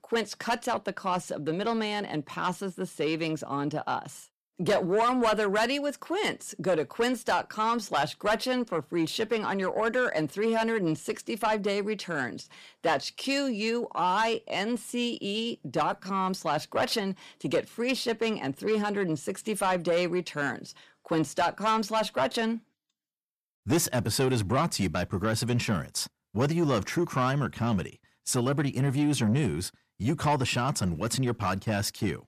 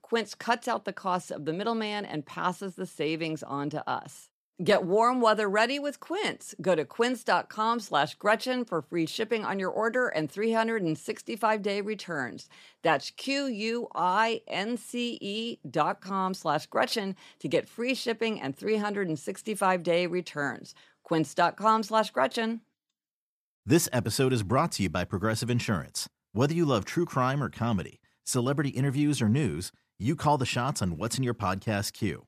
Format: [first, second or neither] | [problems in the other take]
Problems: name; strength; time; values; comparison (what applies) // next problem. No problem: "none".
second | distortion; slight; 10 dB below the speech